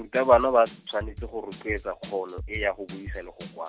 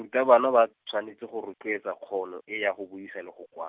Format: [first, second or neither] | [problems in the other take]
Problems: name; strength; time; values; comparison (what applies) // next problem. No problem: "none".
second | background sound (Drum / Drum kit); 14 dB below the speech